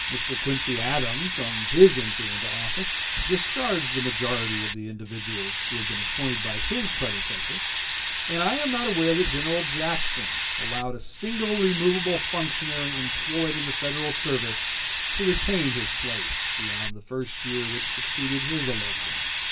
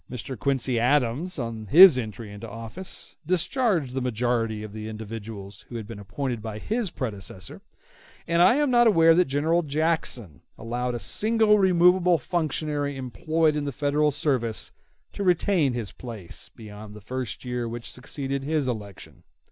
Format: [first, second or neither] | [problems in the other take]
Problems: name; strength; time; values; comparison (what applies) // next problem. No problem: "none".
second | background sound (Hiss); 1 dB below the speech // room echo; dies away in 0.2 s